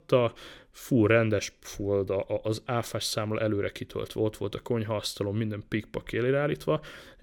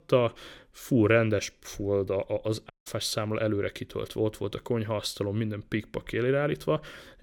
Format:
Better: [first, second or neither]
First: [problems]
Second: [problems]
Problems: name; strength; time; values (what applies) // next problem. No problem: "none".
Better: first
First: none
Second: audio cutting out; at 2.5 s